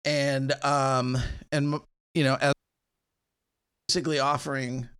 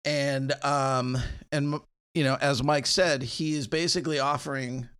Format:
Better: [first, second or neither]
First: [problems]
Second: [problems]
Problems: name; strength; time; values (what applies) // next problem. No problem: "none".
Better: second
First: audio cutting out; at 2.5 s for 1.5 s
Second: none